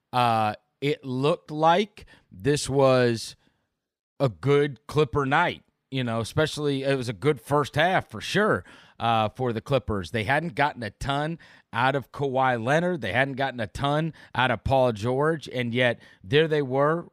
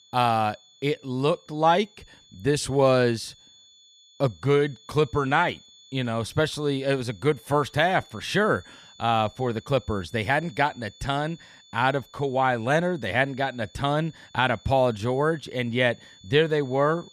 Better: first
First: none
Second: high-pitched whine; faint; throughout; 3.5 kHz, 25 dB below the speech

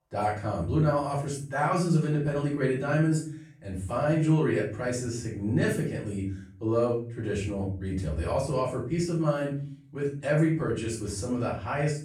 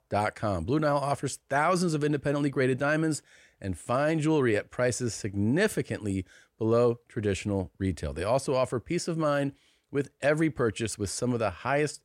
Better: second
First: room echo; noticeable; dies away in 0.5 s // off-mic speech; far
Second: none

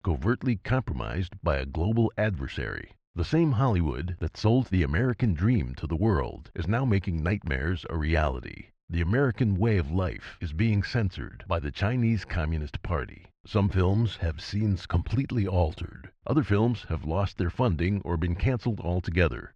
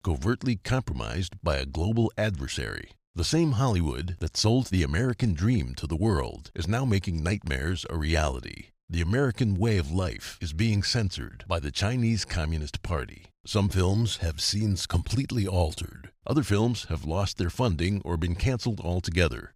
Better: second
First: muffled; slightly; fading above 2 kHz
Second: none

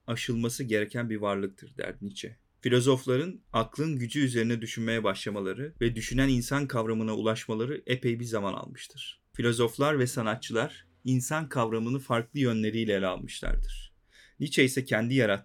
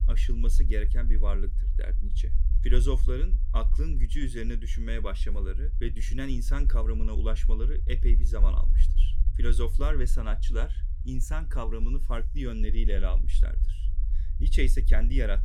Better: first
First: none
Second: low rumble; noticeable; throughout; 15 dB below the speech

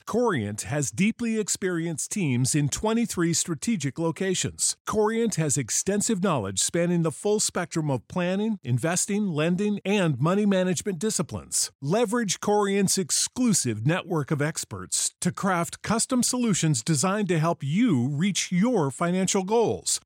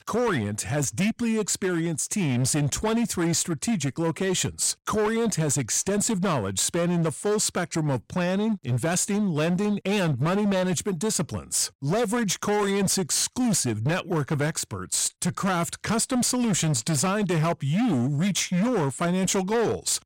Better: first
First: none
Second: distortion; slight; 21% of the sound clipped

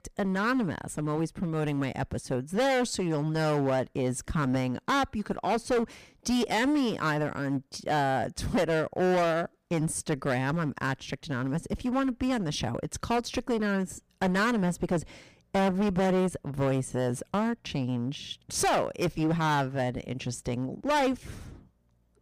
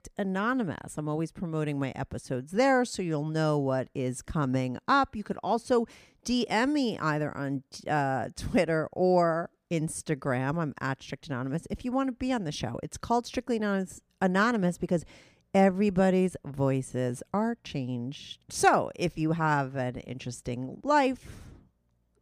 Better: second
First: distortion; heavy; 13% of the sound clipped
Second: none

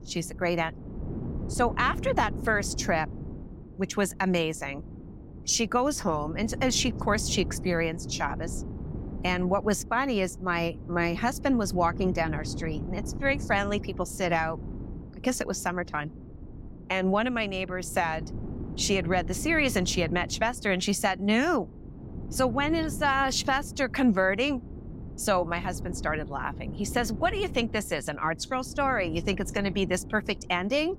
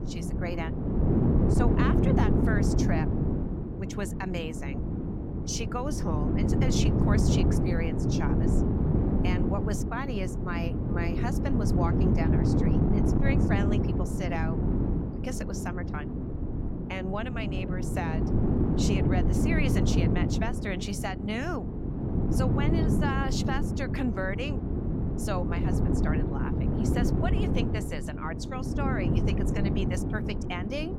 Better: first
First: wind noise on the microphone; occasional gusts; 20 dB below the speech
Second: wind noise on the microphone; heavy; as loud as the speech

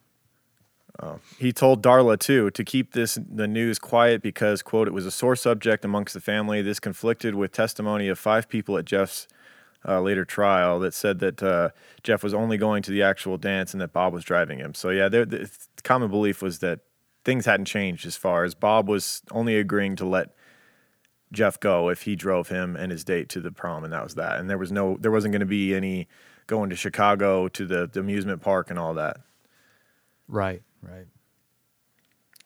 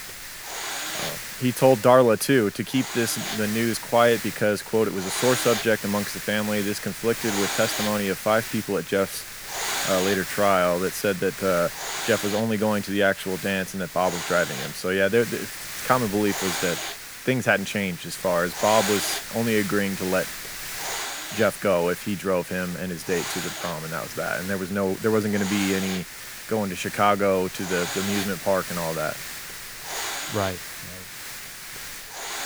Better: first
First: none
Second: hiss; loud; throughout; 7 dB below the speech

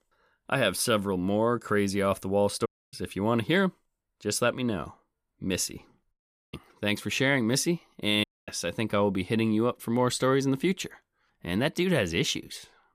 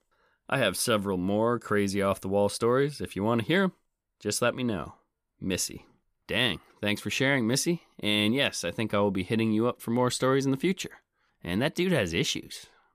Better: second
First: audio cutting out; at 2.5 s, at 6 s and at 8 s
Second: none

